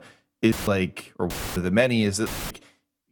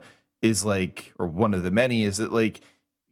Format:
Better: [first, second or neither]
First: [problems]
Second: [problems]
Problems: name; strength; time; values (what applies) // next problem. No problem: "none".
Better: second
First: audio cutting out; filled with static; at 0.5 s, at 1.5 s and at 2.5 s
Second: none